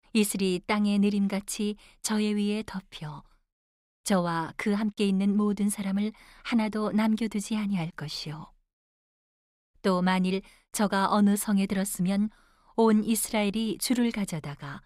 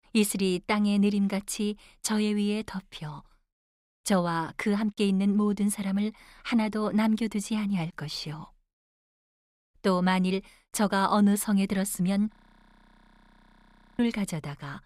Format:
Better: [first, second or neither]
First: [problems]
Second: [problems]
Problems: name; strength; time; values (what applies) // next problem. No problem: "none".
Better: first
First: none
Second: audio freezing; at 12 s for 1.5 s